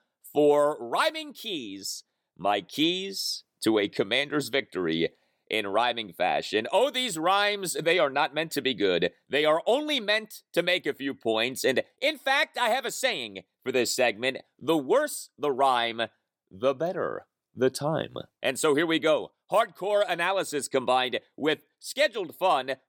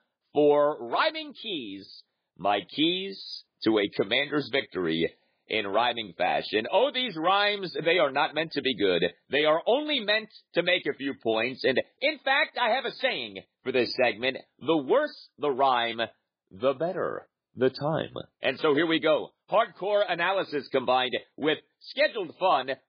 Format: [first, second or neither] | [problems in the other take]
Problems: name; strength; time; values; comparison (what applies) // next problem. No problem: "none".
first | garbled, watery; badly